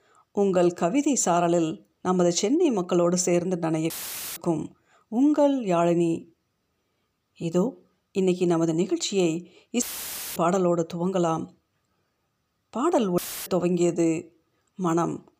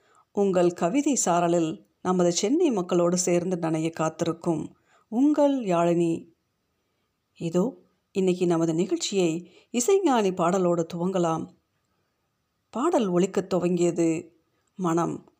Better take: second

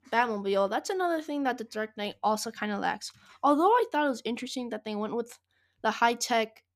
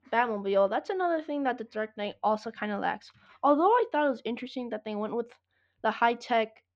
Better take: first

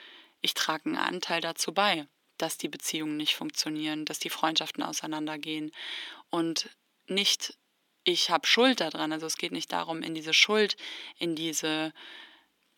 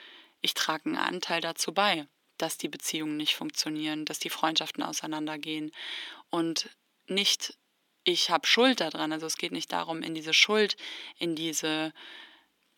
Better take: neither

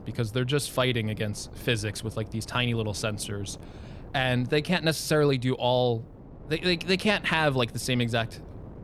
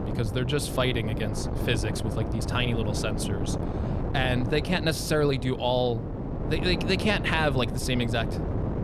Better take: first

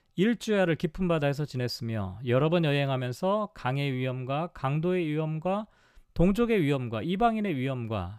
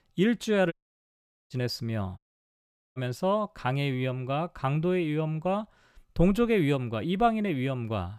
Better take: first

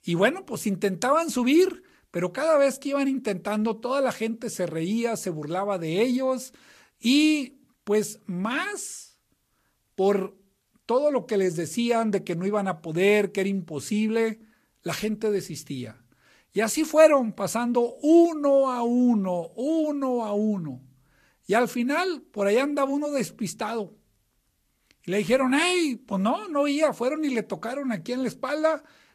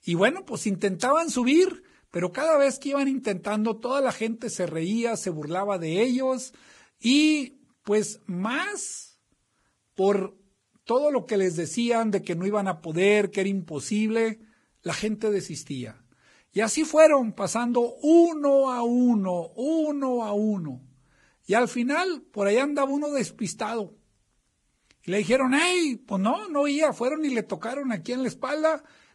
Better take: first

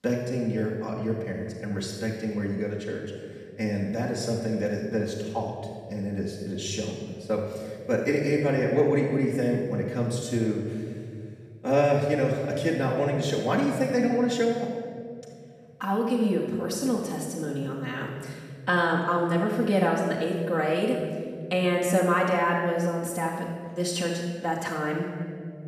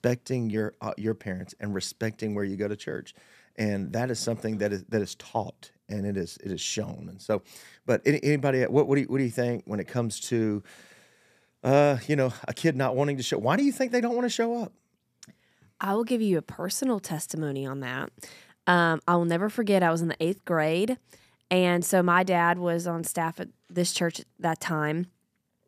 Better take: second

